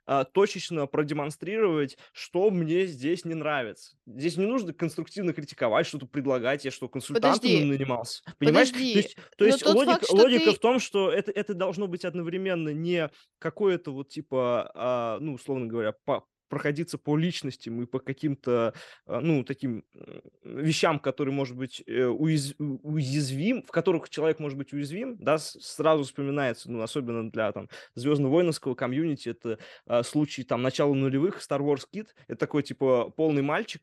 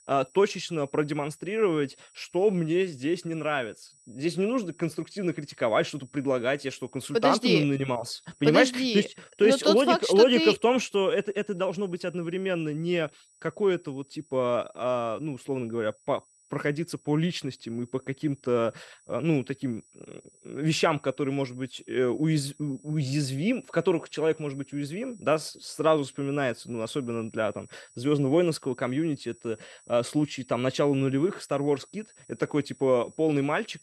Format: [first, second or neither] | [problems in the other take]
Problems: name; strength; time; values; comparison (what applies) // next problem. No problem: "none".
first | high-pitched whine; faint; throughout; 8 kHz, 30 dB below the speech